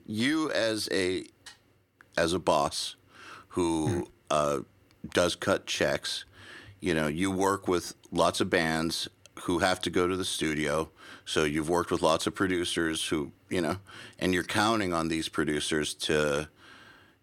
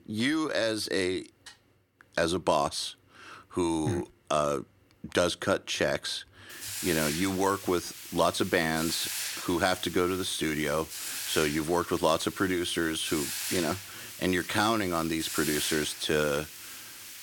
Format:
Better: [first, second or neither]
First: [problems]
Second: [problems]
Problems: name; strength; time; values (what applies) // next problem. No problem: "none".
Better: first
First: none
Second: hiss; loud; from 6.5 s on; 7 dB below the speech